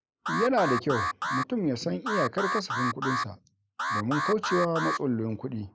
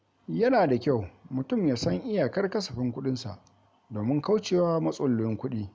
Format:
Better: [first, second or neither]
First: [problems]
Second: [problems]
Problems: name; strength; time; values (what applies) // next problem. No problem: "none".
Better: second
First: noise reduction (neural mask model Resemble Enhance denoiser)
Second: none